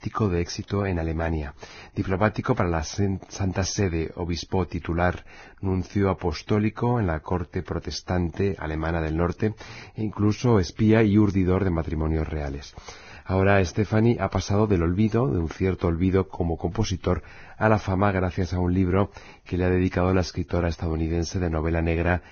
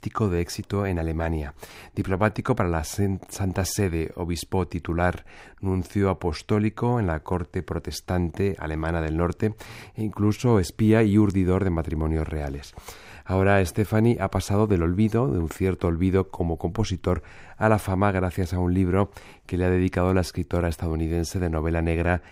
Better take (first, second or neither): second